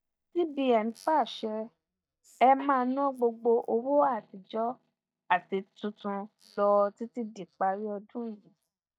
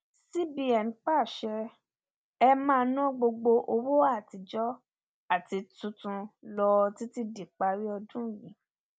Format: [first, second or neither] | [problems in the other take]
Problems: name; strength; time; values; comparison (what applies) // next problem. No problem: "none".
second | noise reduction (neural mask model DeepFilterNet 3)